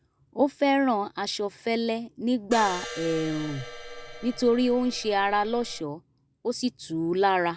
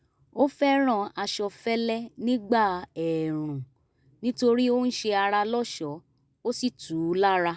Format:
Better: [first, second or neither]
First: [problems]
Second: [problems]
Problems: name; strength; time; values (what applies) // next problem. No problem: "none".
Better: second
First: background sound (Crash cymbal); 12 dB below the speech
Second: none